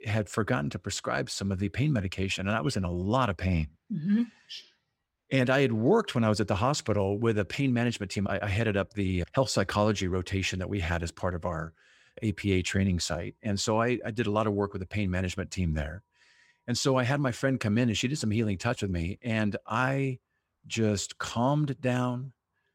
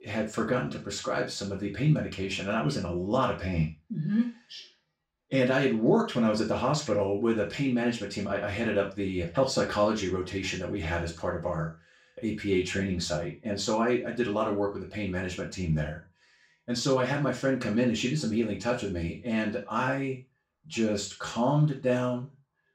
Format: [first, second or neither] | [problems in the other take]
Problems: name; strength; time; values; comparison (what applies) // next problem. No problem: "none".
first | room echo; slight; dies away in 0.3 s // off-mic speech; far